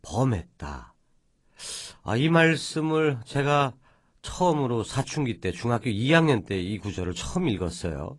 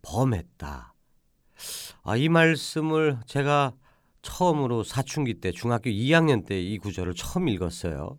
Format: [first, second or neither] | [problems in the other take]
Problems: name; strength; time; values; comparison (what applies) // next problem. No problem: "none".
second | garbled, watery; slightly; nothing above 10.5 kHz